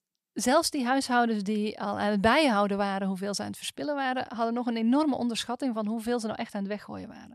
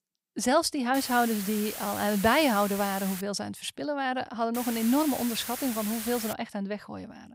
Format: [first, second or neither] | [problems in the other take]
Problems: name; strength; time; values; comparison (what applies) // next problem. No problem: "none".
first | hiss; loud; from 1 to 3 s and from 4.5 to 6.5 s; 8 dB below the speech